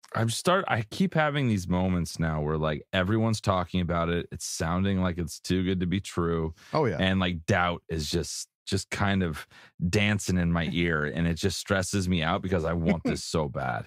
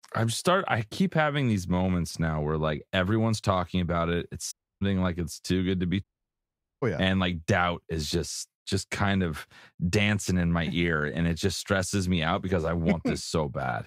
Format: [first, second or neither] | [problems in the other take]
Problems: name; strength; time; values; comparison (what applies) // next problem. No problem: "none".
first | audio cutting out; at 4.5 s and at 6 s for 1 s